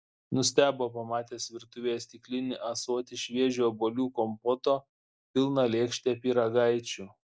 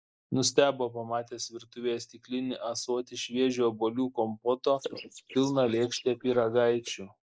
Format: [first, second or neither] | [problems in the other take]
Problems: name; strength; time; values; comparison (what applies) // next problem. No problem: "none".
first | noise reduction (neural mask model Resemble Enhance denoiser)